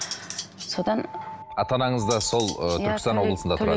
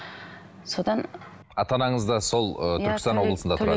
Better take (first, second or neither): second